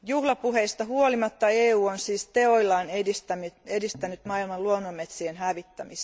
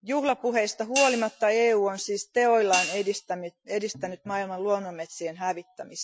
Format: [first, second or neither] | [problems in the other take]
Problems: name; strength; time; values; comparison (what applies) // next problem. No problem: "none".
first | noise reduction (classical method Wiener filter)